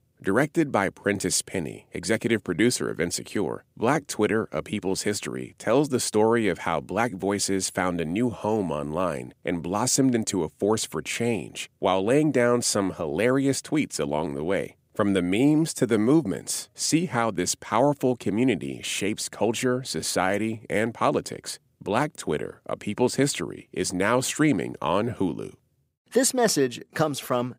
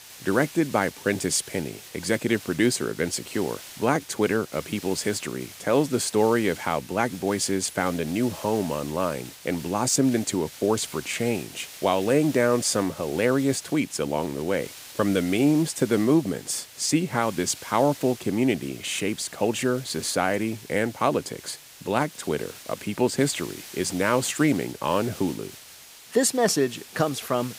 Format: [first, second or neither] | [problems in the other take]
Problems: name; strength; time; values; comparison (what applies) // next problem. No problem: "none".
first | hiss; noticeable; throughout; 15 dB below the speech